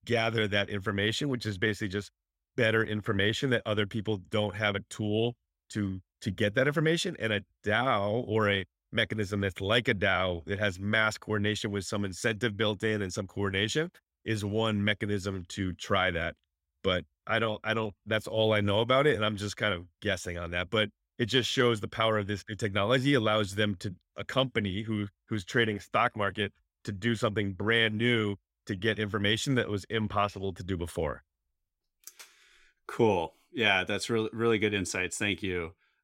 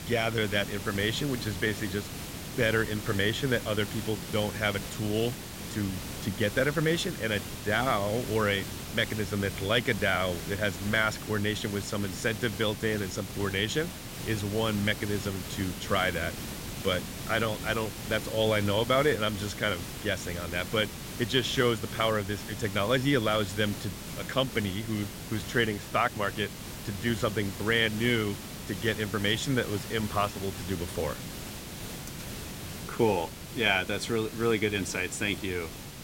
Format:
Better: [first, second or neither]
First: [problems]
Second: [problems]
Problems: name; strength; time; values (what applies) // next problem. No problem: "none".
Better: first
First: none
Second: hiss; loud; throughout; 9 dB below the speech